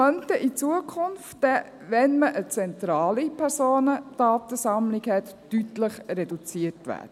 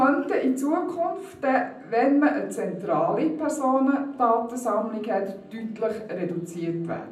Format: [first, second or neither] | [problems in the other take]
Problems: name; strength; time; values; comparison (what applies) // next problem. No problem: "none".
first | room echo; dies away in 0.6 s